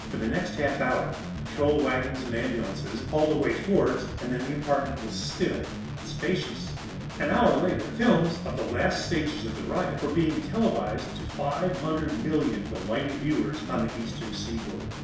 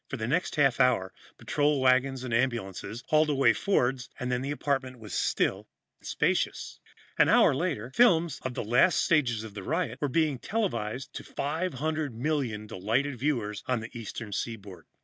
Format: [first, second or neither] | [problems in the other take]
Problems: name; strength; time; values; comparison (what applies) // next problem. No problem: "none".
second | background sound (Guitar); 7 dB below the speech // room echo; dies away in 0.7 s